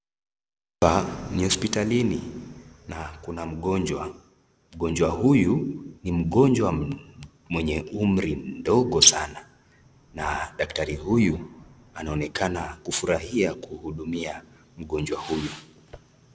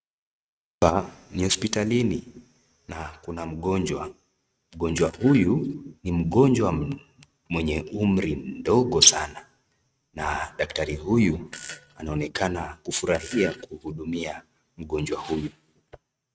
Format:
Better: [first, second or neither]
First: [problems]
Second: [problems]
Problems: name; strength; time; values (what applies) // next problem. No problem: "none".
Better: first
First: none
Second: noise reduction (neural mask model RNNoise)